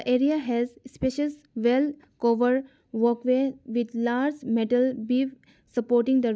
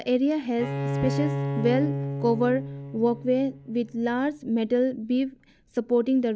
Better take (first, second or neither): first